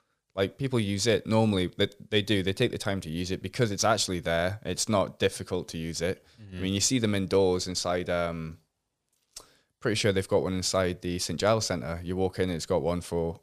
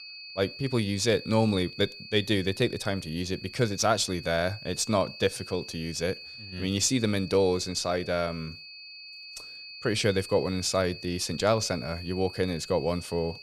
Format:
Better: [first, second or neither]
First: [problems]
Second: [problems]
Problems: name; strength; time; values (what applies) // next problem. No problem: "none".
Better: first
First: none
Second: high-pitched whine; noticeable; throughout; 2.5 kHz, 15 dB below the speech